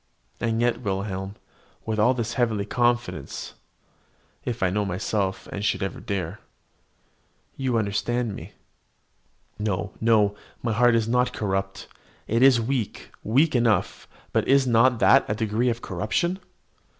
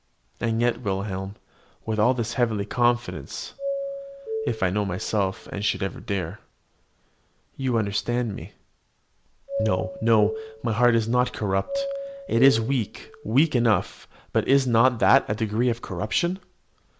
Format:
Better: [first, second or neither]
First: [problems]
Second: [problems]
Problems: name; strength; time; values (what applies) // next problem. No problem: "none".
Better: first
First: none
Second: background sound (Doorbell); 8 dB below the speech